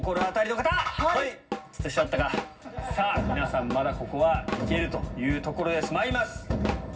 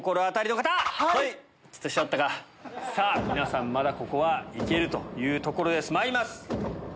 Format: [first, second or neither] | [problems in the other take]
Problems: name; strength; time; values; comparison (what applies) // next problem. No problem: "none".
second | background sound (Drum kit); 8 dB below the speech // room echo; dies away in 0.4 s